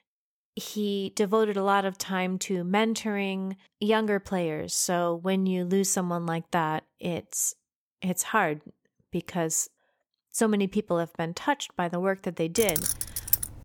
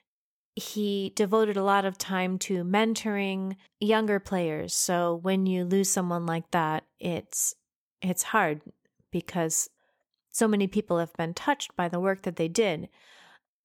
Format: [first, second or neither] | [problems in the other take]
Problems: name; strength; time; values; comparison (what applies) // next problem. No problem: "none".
second | jangling keys; loud; at 13 s; peak 2 dB above the speech